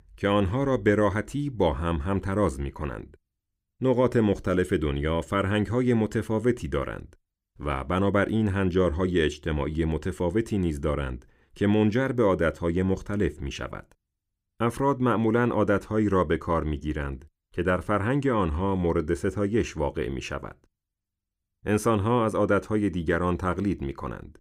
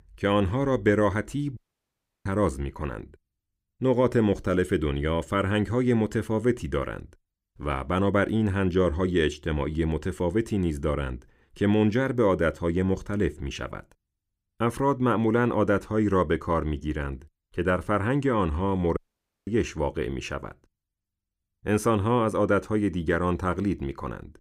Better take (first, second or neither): first